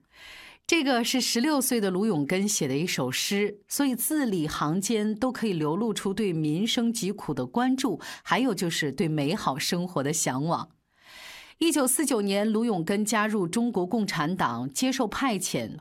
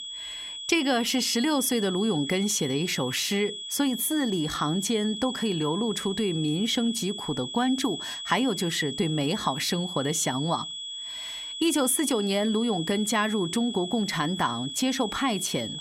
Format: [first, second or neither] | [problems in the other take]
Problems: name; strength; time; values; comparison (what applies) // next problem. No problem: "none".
first | high-pitched whine; loud; throughout; 3.5 kHz, 7 dB below the speech